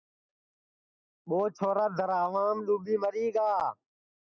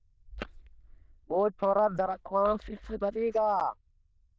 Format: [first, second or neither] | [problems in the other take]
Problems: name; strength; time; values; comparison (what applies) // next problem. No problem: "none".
first | noise reduction (neural diffusion model UNIVERSE++)